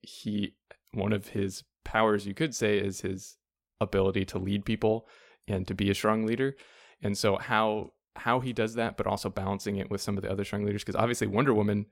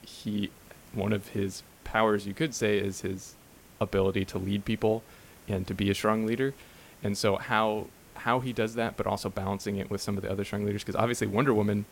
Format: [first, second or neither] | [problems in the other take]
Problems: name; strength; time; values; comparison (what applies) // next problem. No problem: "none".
first | hiss; faint; throughout; 25 dB below the speech